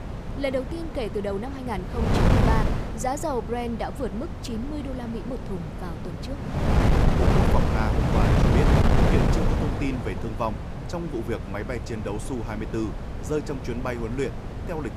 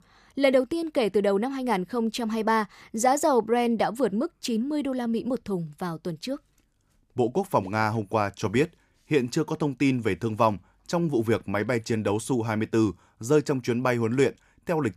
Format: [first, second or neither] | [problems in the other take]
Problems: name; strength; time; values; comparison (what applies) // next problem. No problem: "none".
second | wind noise on the microphone; heavy; as loud as the speech